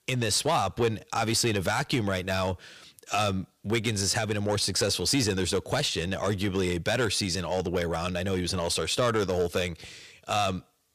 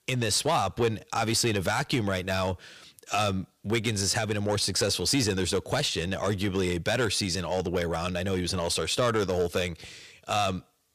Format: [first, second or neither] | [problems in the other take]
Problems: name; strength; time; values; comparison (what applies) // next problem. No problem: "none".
neither | distortion; slight; 10 dB below the speech; the same in both